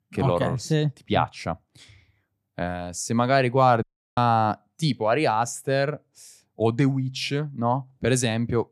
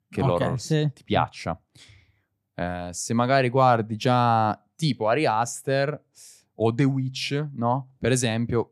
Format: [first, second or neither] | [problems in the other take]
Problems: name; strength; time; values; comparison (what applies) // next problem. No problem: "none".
second | audio cutting out; at 4 s